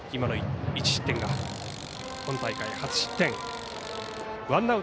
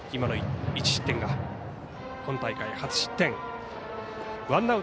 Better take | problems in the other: second | background sound (Tools); 13 dB below the speech

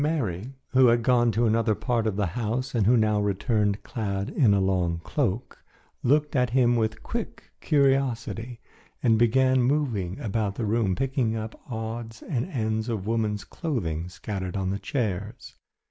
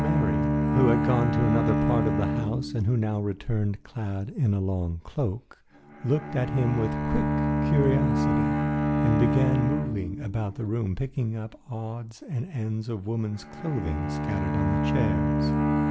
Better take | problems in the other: first | background sound (Bowed string instrument); 1 dB above the speech

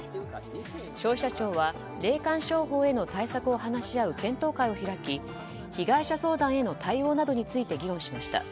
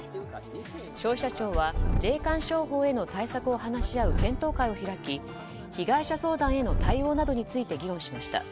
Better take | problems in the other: first | background sound (Purr); 2 dB below the speech

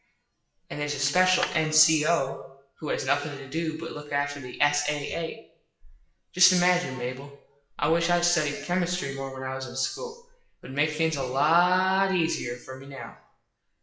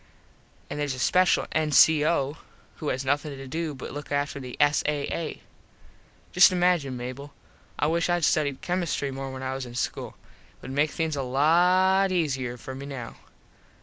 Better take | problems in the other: second | noise reduction (classical method WPE with log-MMSE)

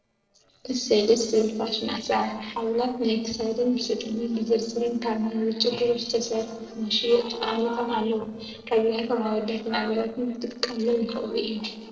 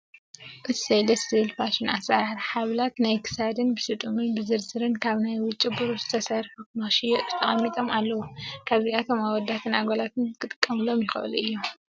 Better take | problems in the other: second | noise reduction (neural separator model SepFormer DNS4)

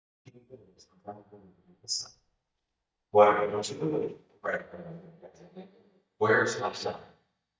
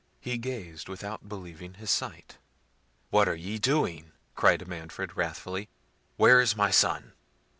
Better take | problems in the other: second | noise reduction (neural mask model DeepFilterNet 3)

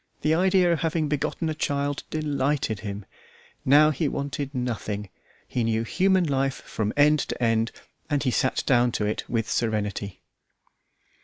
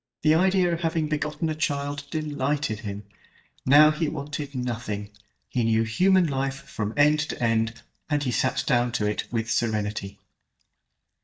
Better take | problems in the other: first | noise reduction (neural mask model DeepFilterNet 3)

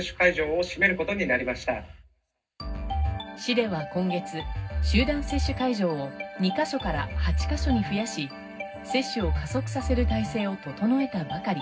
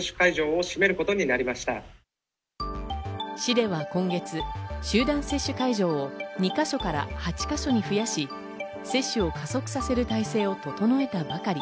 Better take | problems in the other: second | room echo; dies away in 0.4 s

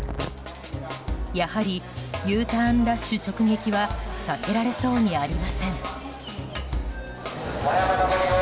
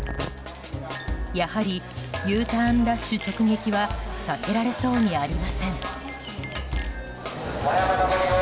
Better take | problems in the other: first | background sound (Chink, clink); 20 dB below the speech

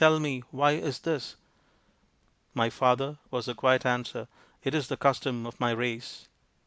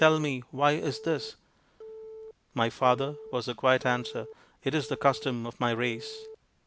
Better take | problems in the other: first | background sound (Telephone); 17 dB below the speech

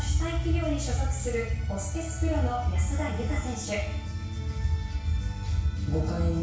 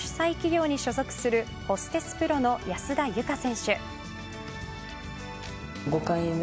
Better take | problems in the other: second | room echo; dies away in 0.6 s

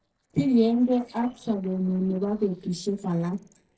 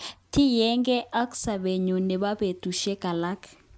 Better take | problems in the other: second | noise reduction (neural separator model SepFormer DNS4)

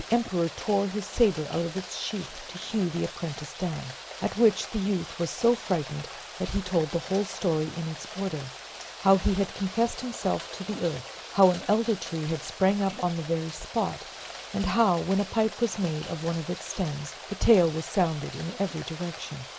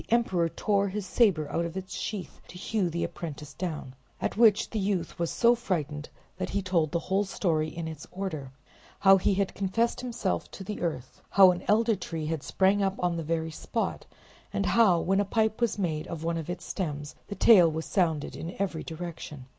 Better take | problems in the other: second | background sound (Rain); 13 dB below the speech

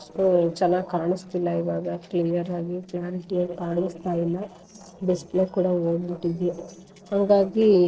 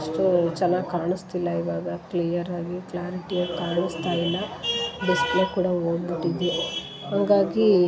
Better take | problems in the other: second | noise reduction (neural separator model SepFormer DNS4)

